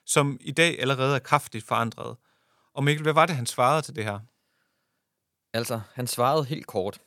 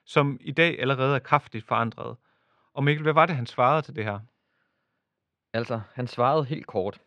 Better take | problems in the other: first | muffled; slightly; fading above 3 kHz

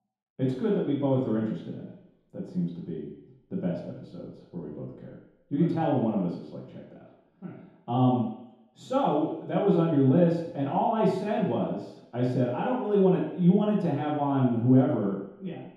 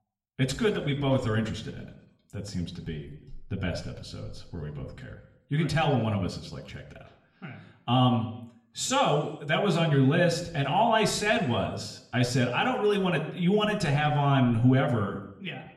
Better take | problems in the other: second | room echo; strong; dies away in 0.8 s; slight in the second // off-mic speech; far; somewhat distant in the second

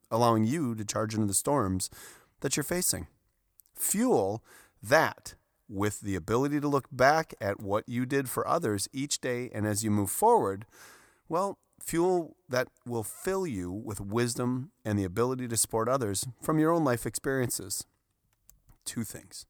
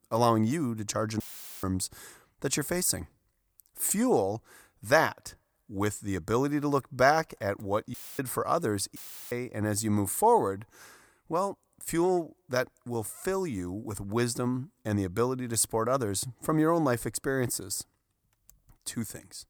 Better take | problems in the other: first | audio cutting out; filled with static; at 1 s, at 8 s and at 9 s

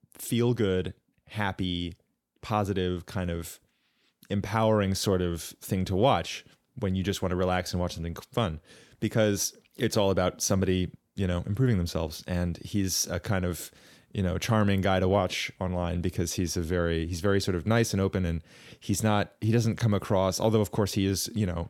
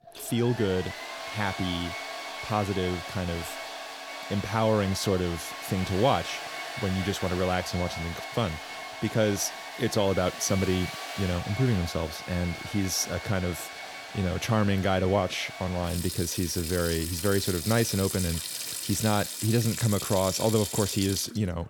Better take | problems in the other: first | household noises; loud; throughout; 7 dB below the speech

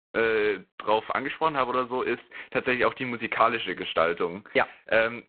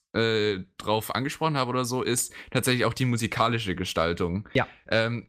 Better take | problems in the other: second | phone-call audio; poor line; nothing above 4 kHz

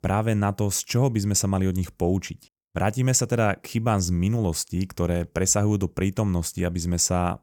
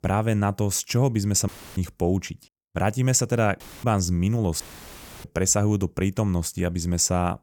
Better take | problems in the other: first | audio cutting out; filled with static; at 1.5 s, at 3.5 s and at 4.5 s for 0.5 s

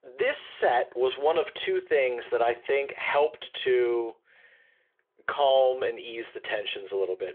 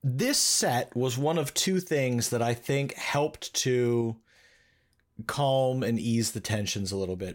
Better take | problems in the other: second | phone-call audio; nothing above 3.5 kHz

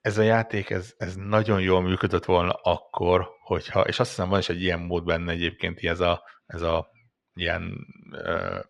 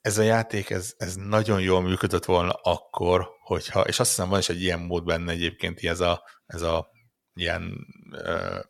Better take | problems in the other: second | muffled; slightly; fading above 3 kHz

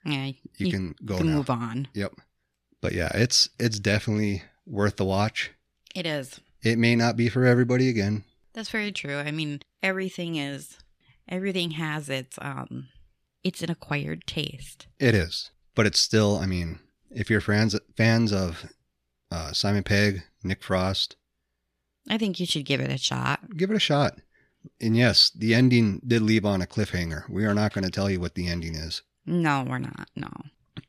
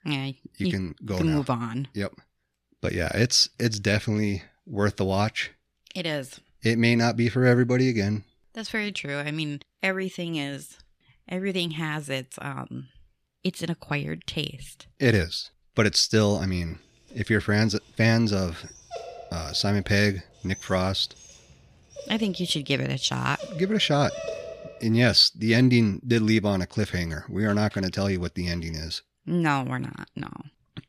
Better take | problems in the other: first | dog barking; noticeable; from 19 to 25 s; peak 9 dB below the speech

